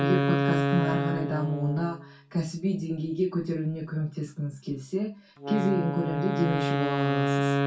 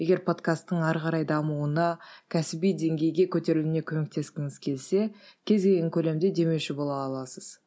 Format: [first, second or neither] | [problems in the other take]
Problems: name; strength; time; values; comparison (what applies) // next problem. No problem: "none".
second | background sound (Wind instrument, woodwind instrument); as loud as the speech // room echo; dies away in 0.2 s